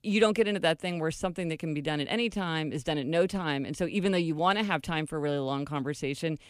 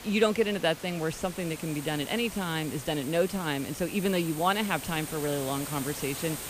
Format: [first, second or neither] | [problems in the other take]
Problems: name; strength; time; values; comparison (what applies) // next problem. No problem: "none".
first | hiss; loud; throughout; 10 dB below the speech